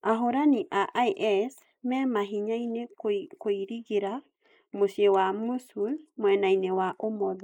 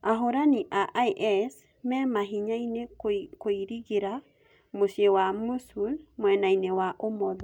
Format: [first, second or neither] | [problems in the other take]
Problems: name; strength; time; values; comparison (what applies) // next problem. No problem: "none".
second | noise reduction (neural mask model Resemble Enhance denoiser)